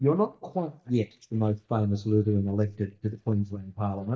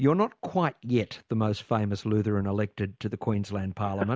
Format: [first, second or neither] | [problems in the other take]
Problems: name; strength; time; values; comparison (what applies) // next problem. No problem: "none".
second | noise reduction (neural mask model DeepFilterNet 3)